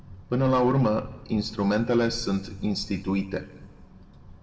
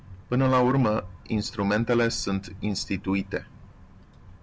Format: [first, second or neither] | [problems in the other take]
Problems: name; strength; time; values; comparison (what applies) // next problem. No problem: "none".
second | room echo; dies away in 0.9 s